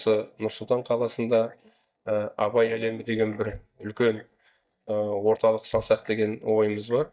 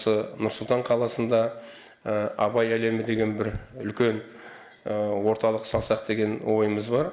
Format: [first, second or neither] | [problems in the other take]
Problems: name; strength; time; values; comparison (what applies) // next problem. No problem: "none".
second | noise reduction (neural mask model DeepFilterNet 3)